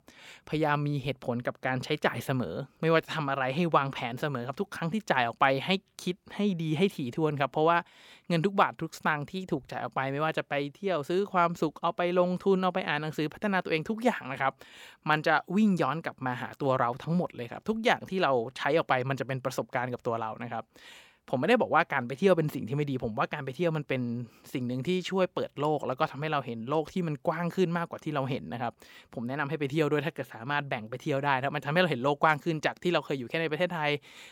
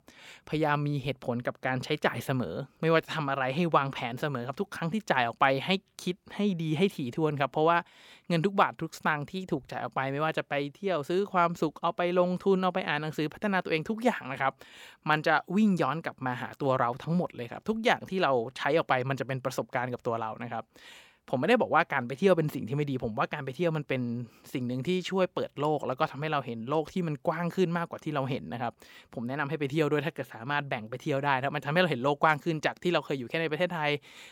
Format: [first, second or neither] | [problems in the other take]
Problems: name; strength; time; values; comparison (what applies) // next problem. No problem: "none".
neither | none